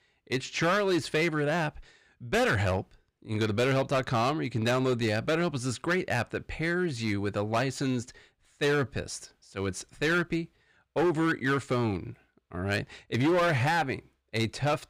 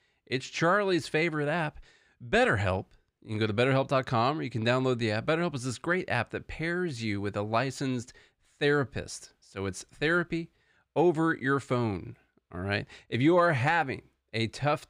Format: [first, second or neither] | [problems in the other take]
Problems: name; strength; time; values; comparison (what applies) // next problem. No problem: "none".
second | distortion; slight; 8% of the sound clipped